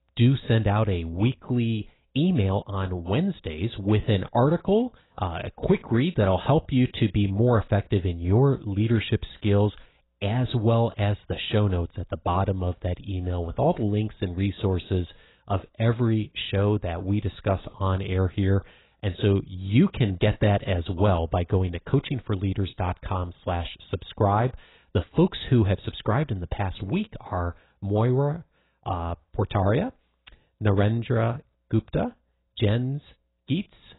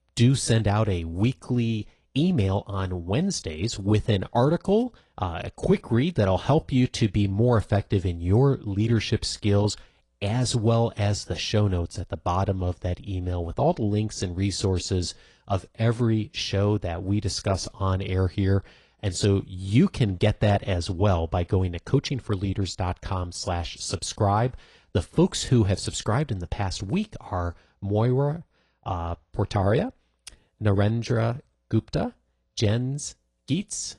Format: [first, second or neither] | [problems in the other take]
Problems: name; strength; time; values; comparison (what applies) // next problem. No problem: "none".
second | garbled, watery; badly; nothing above 4 kHz; slightly in the second